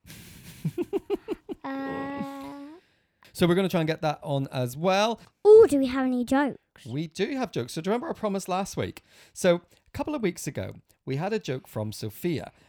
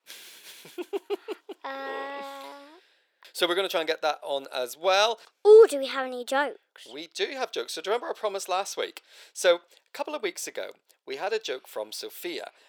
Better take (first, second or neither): first